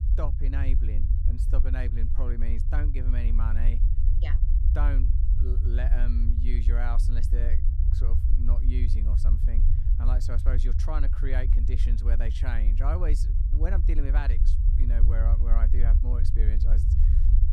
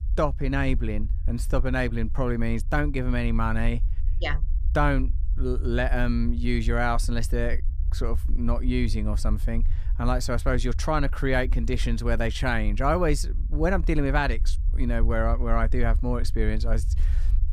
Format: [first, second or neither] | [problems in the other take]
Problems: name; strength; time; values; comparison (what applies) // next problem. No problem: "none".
second | low rumble; loud; throughout; 5 dB below the speech; faint in the second